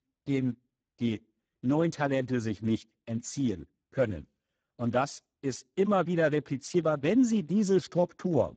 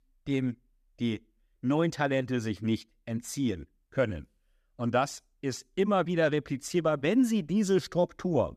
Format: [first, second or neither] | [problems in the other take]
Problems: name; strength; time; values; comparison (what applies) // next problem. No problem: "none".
second | garbled, watery; badly; nothing above 7.5 kHz